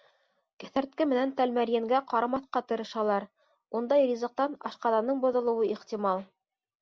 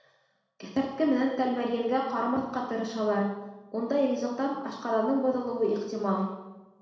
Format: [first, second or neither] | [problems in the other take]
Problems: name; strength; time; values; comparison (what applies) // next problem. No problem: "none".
first | room echo; dies away in 1 s